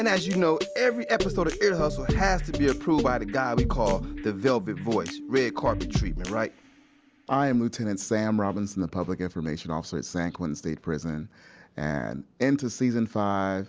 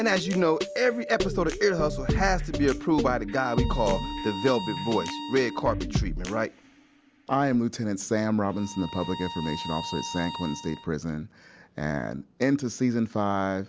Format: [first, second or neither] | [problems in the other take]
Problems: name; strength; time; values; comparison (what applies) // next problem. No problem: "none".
first | background sound (Bowed string instrument); 12 dB below the speech